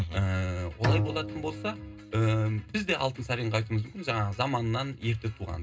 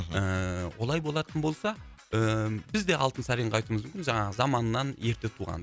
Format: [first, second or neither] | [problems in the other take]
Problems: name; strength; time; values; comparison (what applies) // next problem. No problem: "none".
second | background sound (Bowed string instrument); 5 dB below the speech // room echo; dies away in 0.2 s